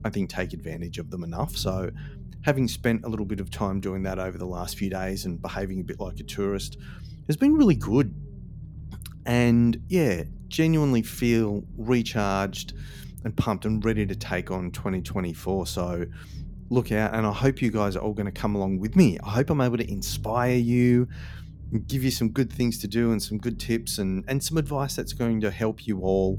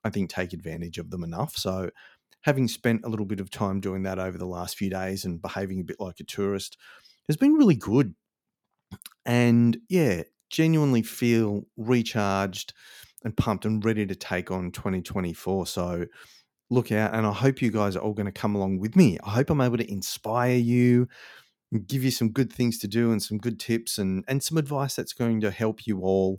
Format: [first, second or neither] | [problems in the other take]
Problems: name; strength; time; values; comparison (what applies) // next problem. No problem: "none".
second | low rumble; faint; throughout; 25 dB below the speech